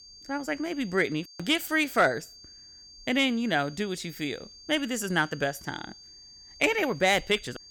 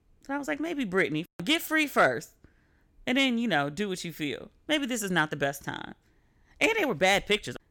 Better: second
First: high-pitched whine; noticeable; throughout; 4.5 kHz, 20 dB below the speech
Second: none

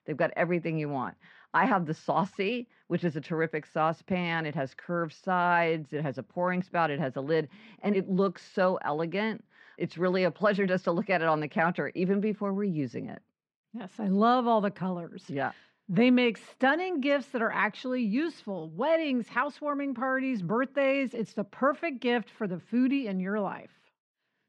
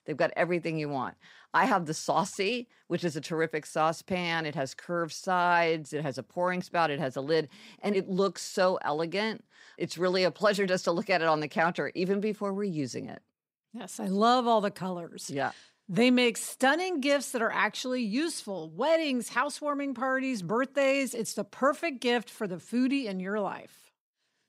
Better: second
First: muffled; slightly; fading above 2.5 kHz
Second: none

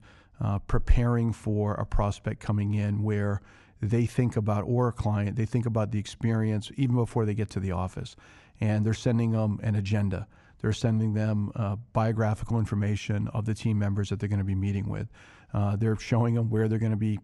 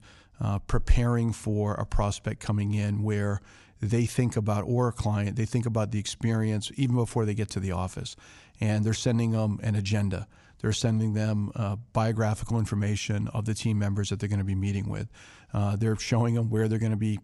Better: second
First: muffled; slightly; fading above 3 kHz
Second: none

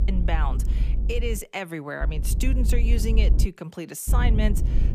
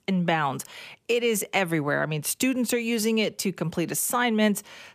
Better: second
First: low rumble; loud; until 1.5 s, from 2 to 3.5 s and at 4 s; 10 dB below the speech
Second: none

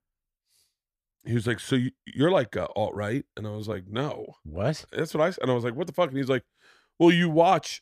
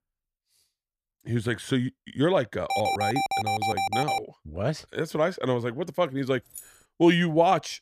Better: first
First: none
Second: alarm; loud; from 2.5 to 4 s; peak level with the speech // jangling keys; faint; at 6.5 s; peak 15 dB below the speech

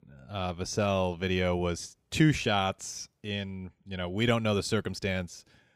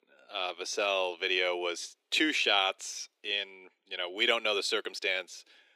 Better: first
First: none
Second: thin; very; fading below 300 Hz

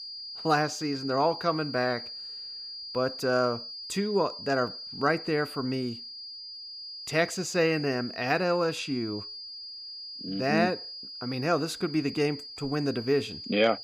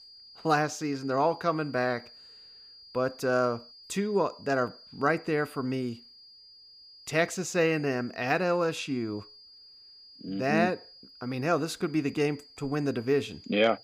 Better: second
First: high-pitched whine; loud; throughout; 5 kHz, 9 dB below the speech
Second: high-pitched whine; faint; throughout; 5 kHz, 20 dB below the speech

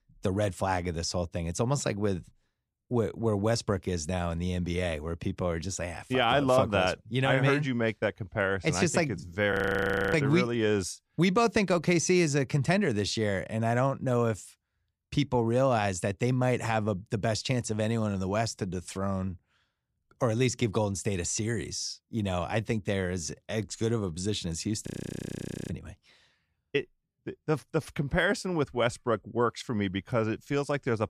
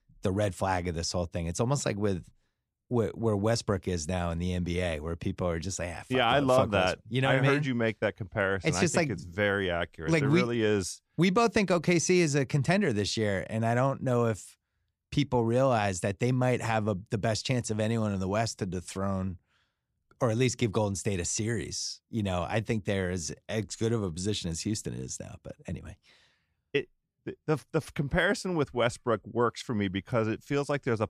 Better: second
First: audio freezing; at 9.5 s for 0.5 s and at 25 s for 1 s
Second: none

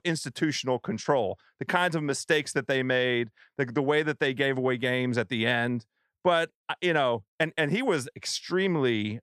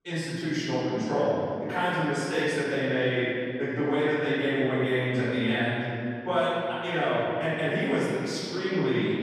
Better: first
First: none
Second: off-mic speech; far // room echo; strong; dies away in 2.4 s

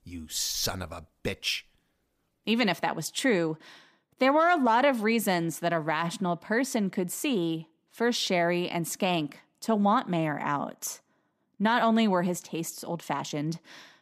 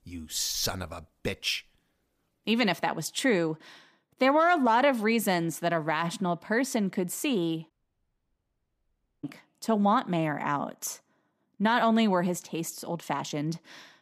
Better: first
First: none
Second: audio cutting out; at 7.5 s for 1.5 s

